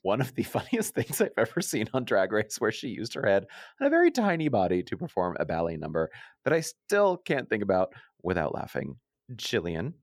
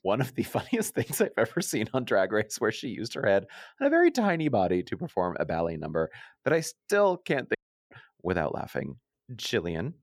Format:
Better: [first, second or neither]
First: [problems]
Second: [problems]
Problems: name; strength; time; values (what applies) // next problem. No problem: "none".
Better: first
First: none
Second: audio cutting out; at 7.5 s